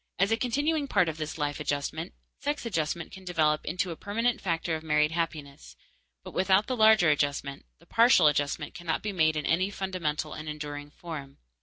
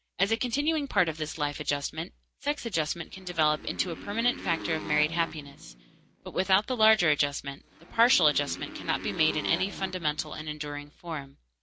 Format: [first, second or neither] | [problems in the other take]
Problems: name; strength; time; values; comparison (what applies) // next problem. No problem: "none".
first | background sound (Motorcycle); 13 dB below the speech